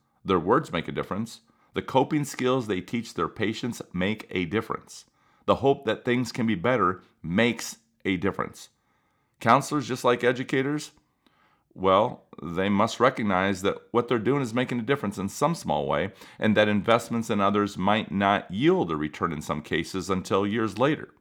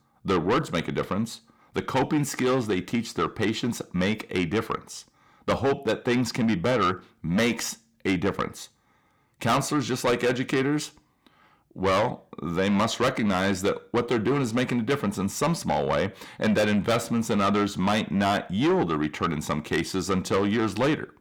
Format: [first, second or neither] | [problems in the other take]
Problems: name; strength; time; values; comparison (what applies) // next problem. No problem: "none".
first | distortion; heavy; 7 dB below the speech